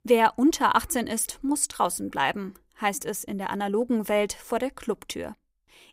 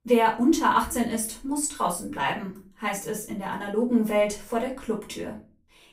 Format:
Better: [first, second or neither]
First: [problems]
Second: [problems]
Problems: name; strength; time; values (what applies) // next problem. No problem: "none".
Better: first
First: none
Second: off-mic speech; far // room echo; slight; dies away in 0.3 s